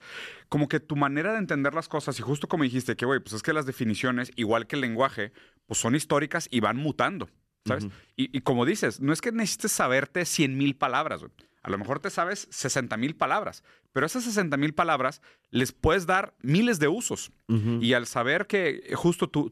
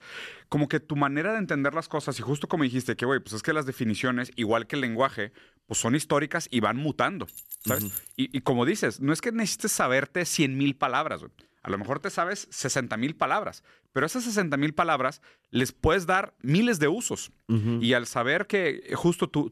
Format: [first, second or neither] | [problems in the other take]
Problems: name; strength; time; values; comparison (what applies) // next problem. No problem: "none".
first | jangling keys; noticeable; at 7.5 s; peak 3 dB below the speech